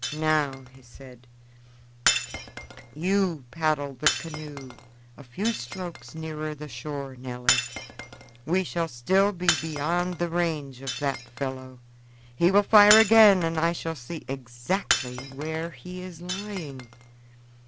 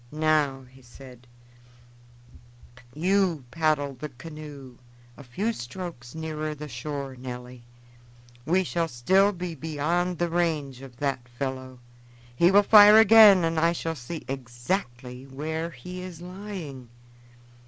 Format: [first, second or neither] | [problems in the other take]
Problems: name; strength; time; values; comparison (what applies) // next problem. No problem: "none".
second | background sound (Shatter); 7 dB below the speech